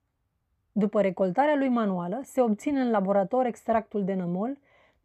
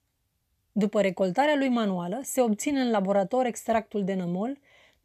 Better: second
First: muffled; slightly; fading above 2.5 kHz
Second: none

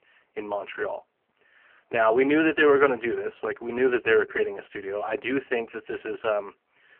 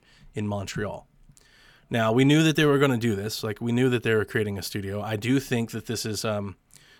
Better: second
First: phone-call audio; poor line; nothing above 3 kHz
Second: none

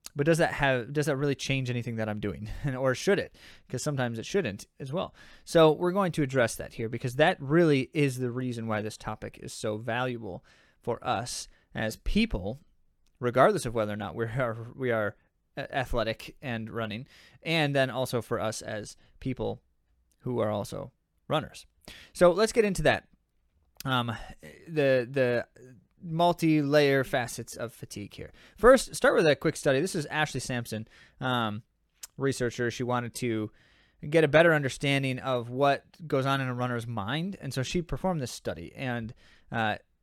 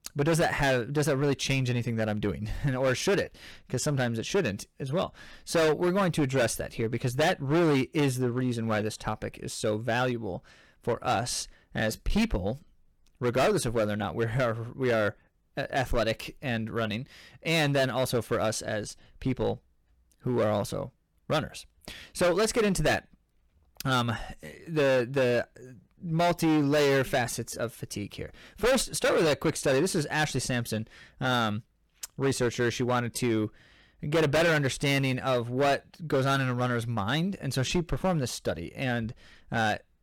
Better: first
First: none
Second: distortion; heavy; 9% of the sound clipped

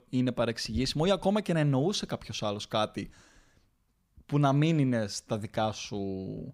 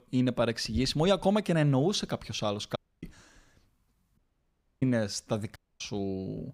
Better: first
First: none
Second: audio cutting out; at 3 s, at 4 s for 0.5 s and at 5.5 s

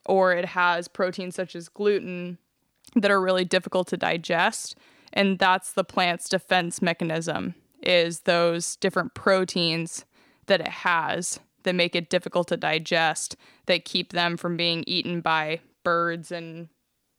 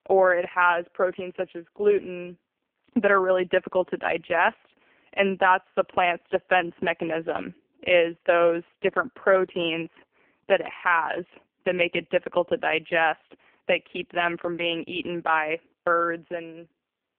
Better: first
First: none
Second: phone-call audio; poor line; nothing above 3 kHz

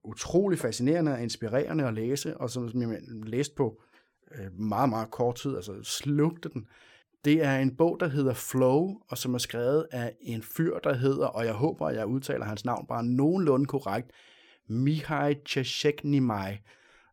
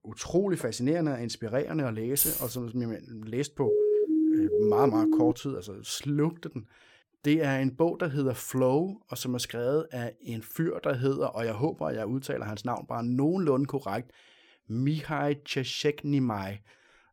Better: first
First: none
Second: jangling keys; loud; at 2 s; peak 4 dB above the speech // siren; loud; from 3.5 to 5.5 s; peak 6 dB above the speech

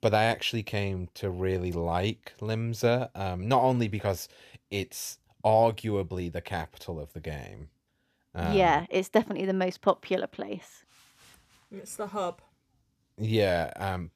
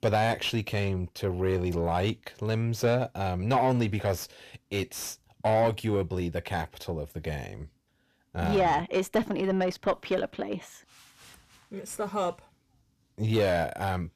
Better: first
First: none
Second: distortion; slight; 10 dB below the speech

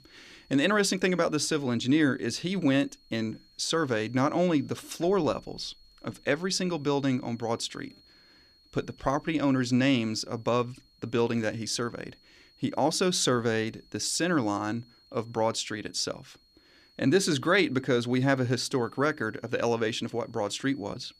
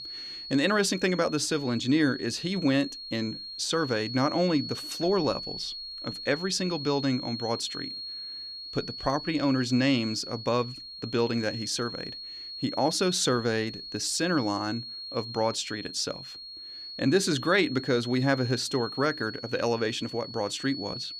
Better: first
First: high-pitched whine; faint; throughout; 4.5 kHz, 30 dB below the speech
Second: high-pitched whine; loud; throughout; 4.5 kHz, 9 dB below the speech

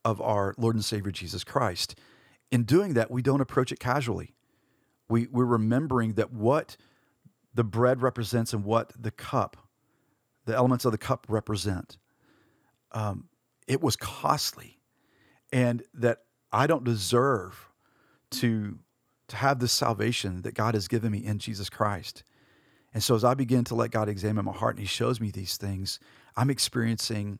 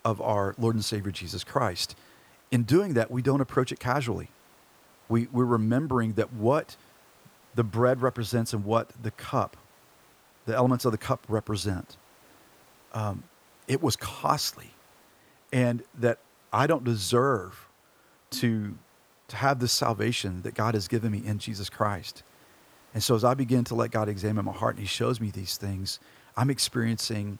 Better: first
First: none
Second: hiss; faint; throughout; 30 dB below the speech

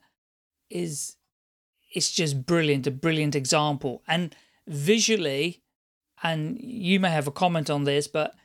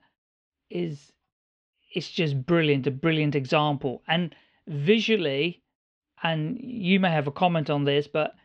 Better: first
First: none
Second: muffled; very; fading above 3 kHz

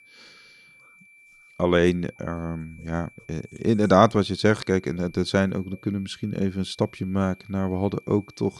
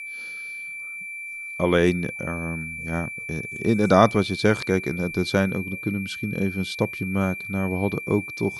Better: first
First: high-pitched whine; faint; throughout; 2.5 kHz, 25 dB below the speech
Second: high-pitched whine; loud; throughout; 2.5 kHz, 8 dB below the speech

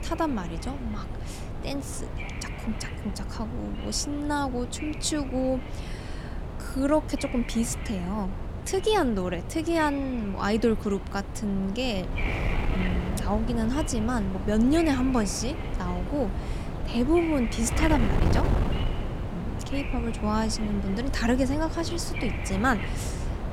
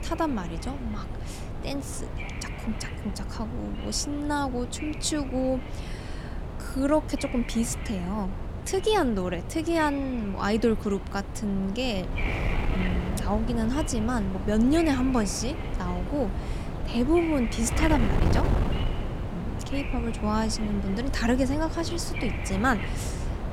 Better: neither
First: wind noise on the microphone; heavy; 8 dB below the speech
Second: wind noise on the microphone; heavy; 8 dB below the speech

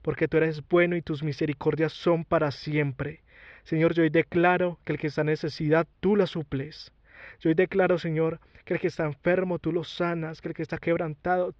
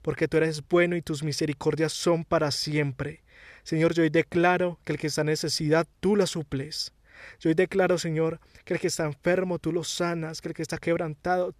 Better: second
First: muffled; slightly; fading above 3.5 kHz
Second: none

